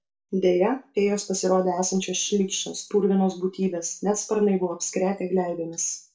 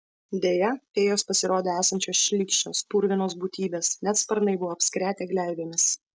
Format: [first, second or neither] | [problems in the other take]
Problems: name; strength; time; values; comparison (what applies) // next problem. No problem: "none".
second | room echo; dies away in 0.3 s